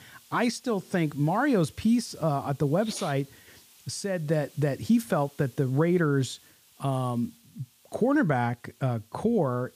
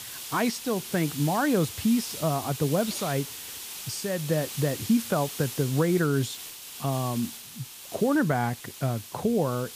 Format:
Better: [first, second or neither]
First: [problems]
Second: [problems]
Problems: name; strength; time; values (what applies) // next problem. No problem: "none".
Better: first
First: hiss; faint; throughout; 25 dB below the speech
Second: hiss; loud; throughout; 9 dB below the speech